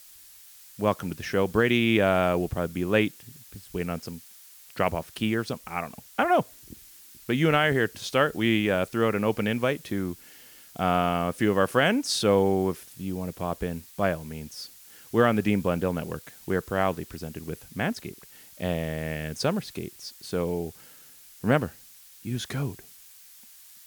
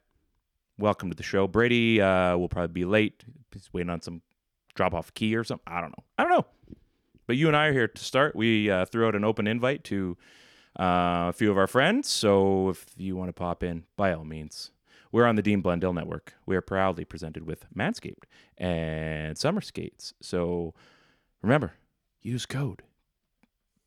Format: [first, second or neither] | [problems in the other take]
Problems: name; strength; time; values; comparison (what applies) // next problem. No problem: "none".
second | hiss; faint; throughout; 20 dB below the speech